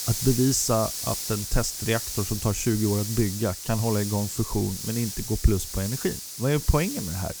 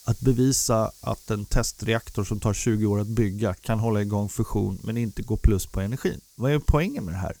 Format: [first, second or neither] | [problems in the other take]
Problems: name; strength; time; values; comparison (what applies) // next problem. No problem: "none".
second | hiss; loud; throughout; 5 dB below the speech; faint in the second